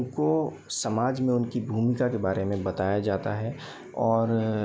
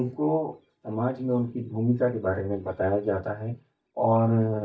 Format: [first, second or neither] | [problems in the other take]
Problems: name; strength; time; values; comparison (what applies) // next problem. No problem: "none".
first | noise reduction (neural mask model DeepFilterNet 3)